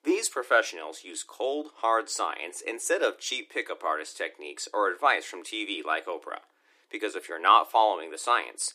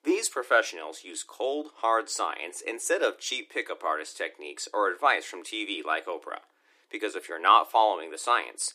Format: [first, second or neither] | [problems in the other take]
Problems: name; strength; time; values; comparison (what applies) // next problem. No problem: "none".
neither | thin; somewhat; fading below 300 Hz; the same in both